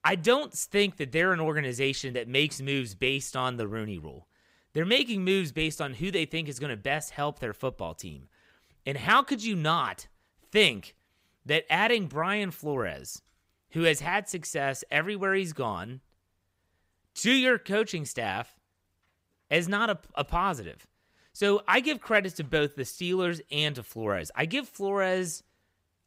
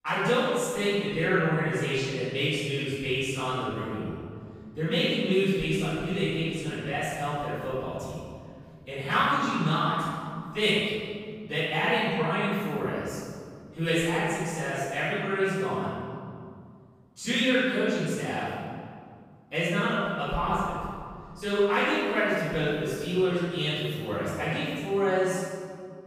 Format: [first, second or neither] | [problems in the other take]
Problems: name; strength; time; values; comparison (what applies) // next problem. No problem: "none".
first | room echo; strong; dies away in 2.1 s // off-mic speech; far